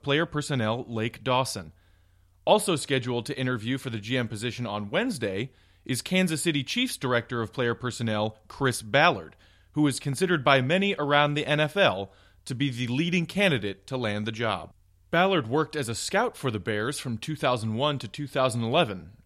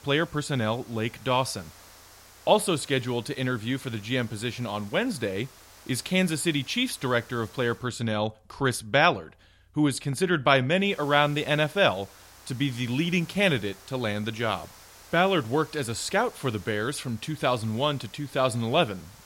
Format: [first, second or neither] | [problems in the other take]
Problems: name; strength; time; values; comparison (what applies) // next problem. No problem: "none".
first | hiss; faint; until 8 s and from 11 s on; 25 dB below the speech